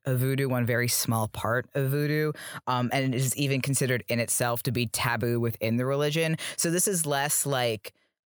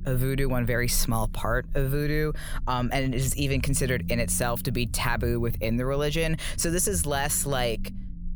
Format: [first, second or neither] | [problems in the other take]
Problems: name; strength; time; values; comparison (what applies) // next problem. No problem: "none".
first | low rumble; faint; throughout; 20 dB below the speech